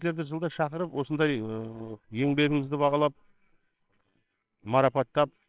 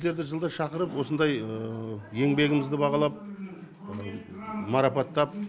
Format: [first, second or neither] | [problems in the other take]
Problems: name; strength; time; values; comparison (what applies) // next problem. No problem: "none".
second | noise reduction (neural separator model SepFormer WHAMR!)